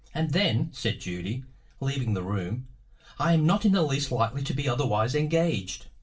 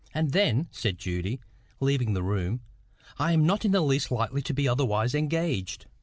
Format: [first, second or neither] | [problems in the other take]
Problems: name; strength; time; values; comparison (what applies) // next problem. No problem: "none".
second | room echo; dies away in 0.2 s